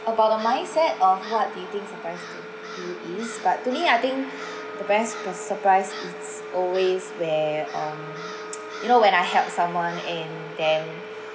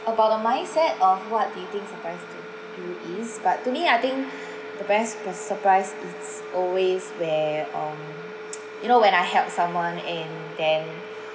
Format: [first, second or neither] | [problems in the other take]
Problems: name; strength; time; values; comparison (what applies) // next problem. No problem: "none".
second | background sound (Crow + Wind instrument, woodwind instrument); 18 dB below the speech